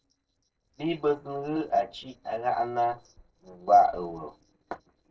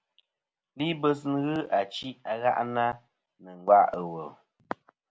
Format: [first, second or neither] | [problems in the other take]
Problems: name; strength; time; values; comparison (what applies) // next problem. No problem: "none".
second | noise reduction (neural separator model SepFormer DNS4)